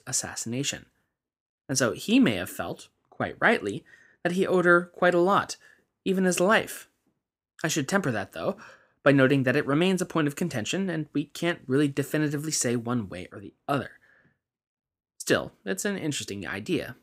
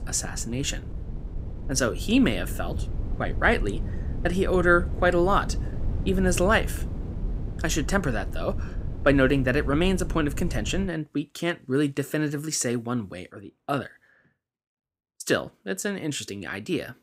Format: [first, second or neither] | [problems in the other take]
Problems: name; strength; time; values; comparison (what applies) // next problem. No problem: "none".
first | wind noise on the microphone; occasional gusts; until 11 s; 20 dB below the speech